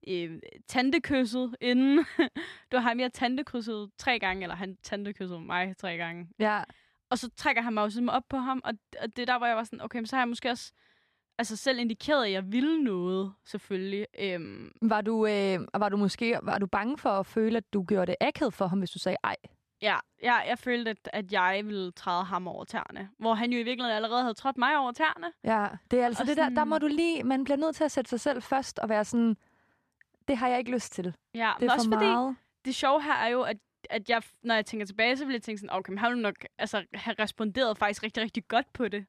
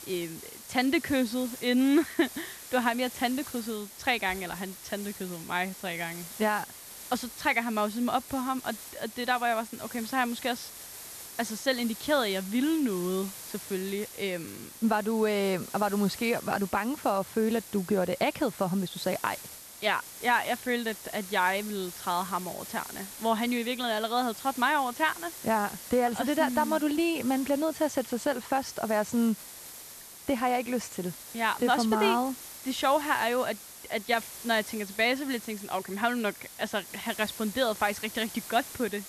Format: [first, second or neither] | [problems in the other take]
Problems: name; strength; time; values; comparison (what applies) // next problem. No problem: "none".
first | hiss; noticeable; throughout; 10 dB below the speech